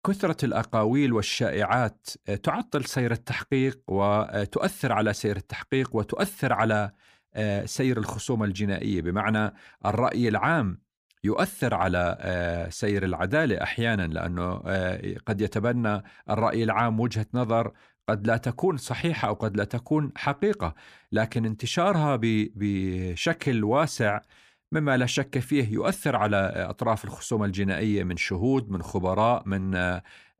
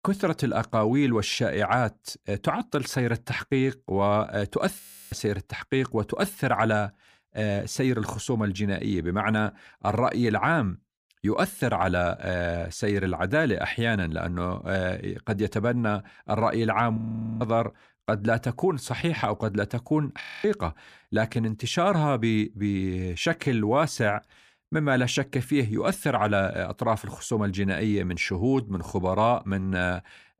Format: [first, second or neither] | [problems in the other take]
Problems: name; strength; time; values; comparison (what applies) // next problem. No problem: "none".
first | audio freezing; at 5 s, at 17 s and at 20 s